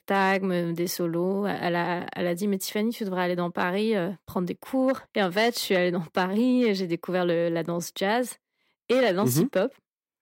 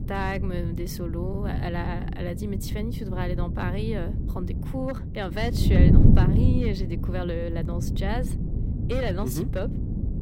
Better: first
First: none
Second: wind noise on the microphone; heavy; 3 dB below the speech

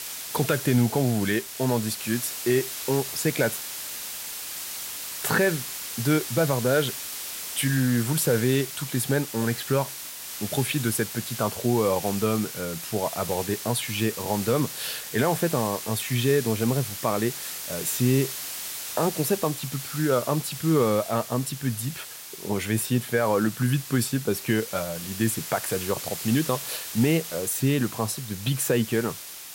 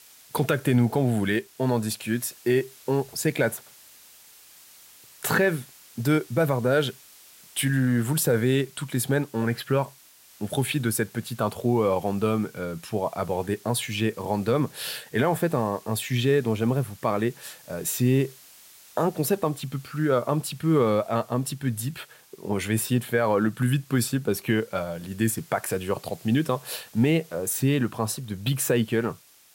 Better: second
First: hiss; loud; throughout; 7 dB below the speech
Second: hiss; faint; throughout; 25 dB below the speech

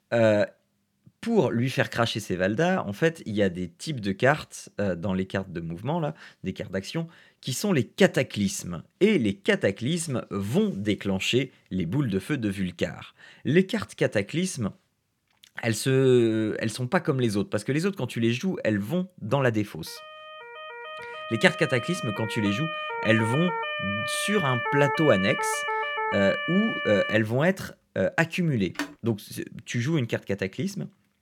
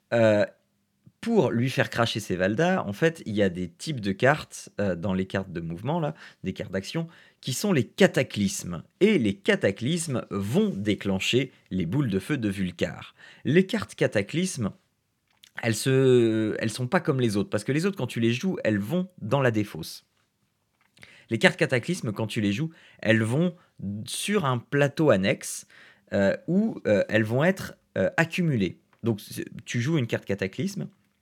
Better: second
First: siren; noticeable; from 20 to 27 s; peak 1 dB below the speech // phone ringing; noticeable; at 29 s; peak 9 dB below the speech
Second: none

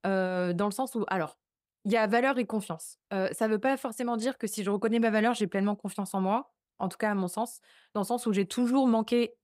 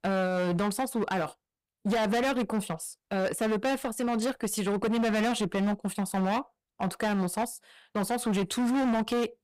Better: first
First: none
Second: distortion; heavy; 21% of the sound clipped

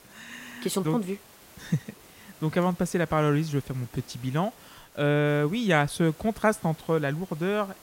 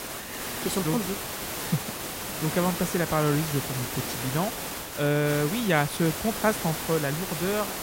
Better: first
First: hiss; faint; throughout; 25 dB below the speech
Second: hiss; loud; throughout; 4 dB below the speech

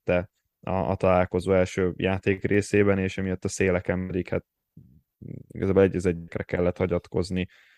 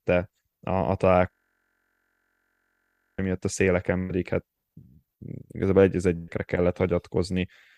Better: first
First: none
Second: audio freezing; at 1.5 s for 2 s

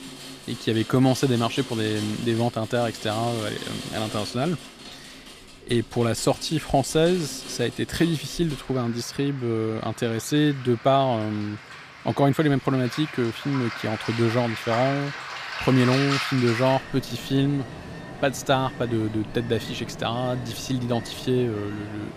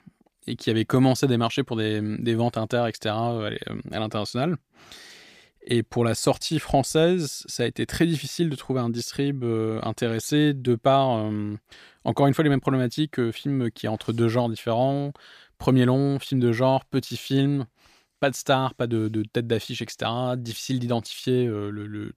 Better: second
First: rain or running water; noticeable; throughout; 10 dB below the speech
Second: none

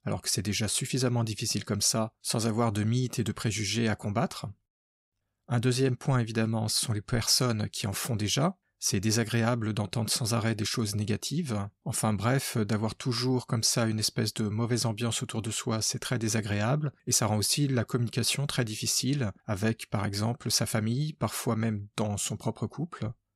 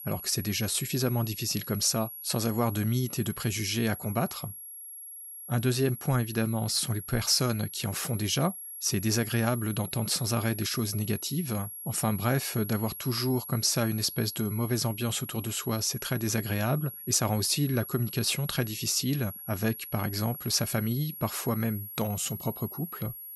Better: first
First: none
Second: high-pitched whine; loud; throughout; 11.5 kHz, 10 dB below the speech

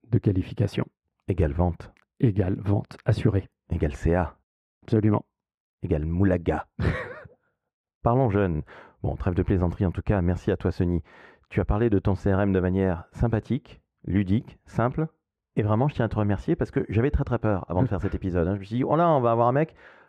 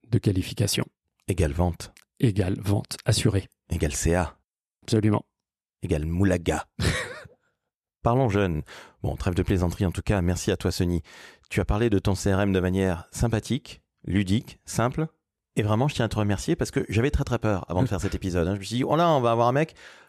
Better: second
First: muffled; very; fading above 3.5 kHz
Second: none

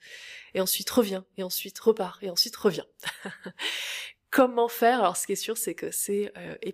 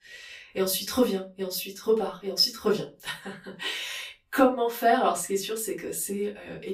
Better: first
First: none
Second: off-mic speech; far // room echo; very slight; dies away in 0.2 s

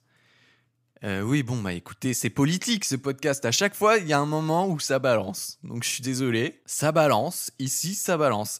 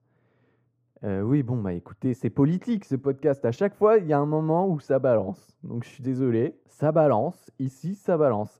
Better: first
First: none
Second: muffled; very; fading above 2 kHz

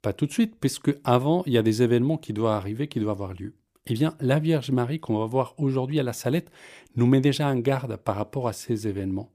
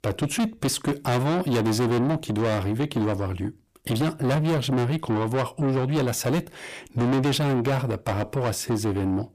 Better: first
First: none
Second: distortion; heavy; 5 dB below the speech

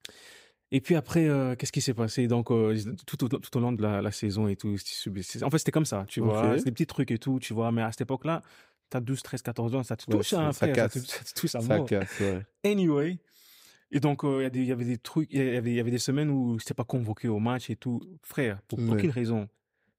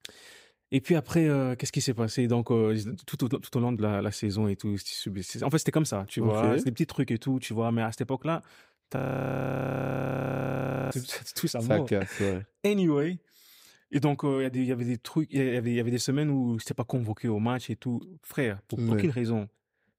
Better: first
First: none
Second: audio freezing; at 9 s for 2 s

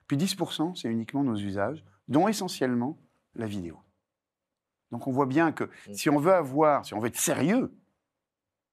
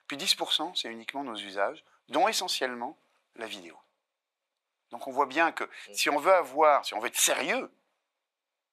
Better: first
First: none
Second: thin; very; fading below 650 Hz

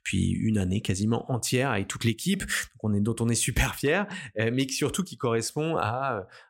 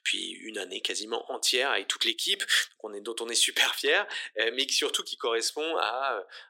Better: first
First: none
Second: thin; very; fading below 350 Hz

